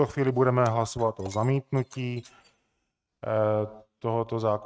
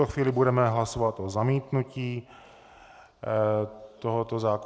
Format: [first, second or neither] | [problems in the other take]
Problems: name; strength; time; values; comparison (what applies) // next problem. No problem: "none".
second | noise reduction (neural mask model RNNoise)